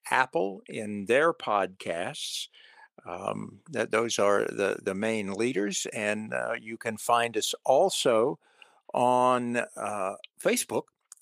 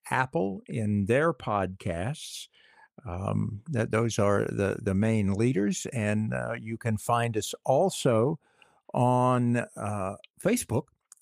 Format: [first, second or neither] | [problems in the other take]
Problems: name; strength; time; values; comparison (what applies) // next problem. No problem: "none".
second | thin; somewhat; fading below 350 Hz